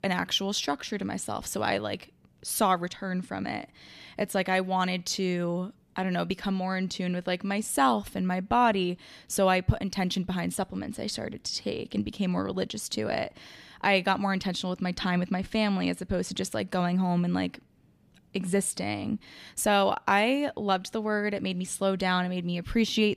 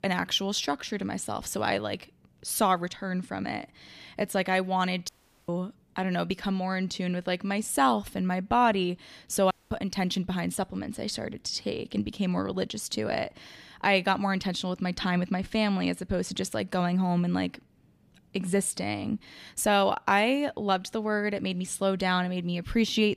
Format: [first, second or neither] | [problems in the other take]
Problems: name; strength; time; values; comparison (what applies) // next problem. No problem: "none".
first | audio cutting out; at 5 s and at 9.5 s